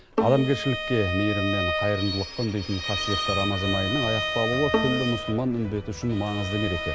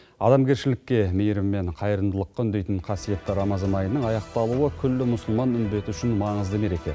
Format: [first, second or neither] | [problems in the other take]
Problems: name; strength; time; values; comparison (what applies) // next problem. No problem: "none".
second | background sound (Bowed string instrument + Bowed string instrument); 3 dB below the speech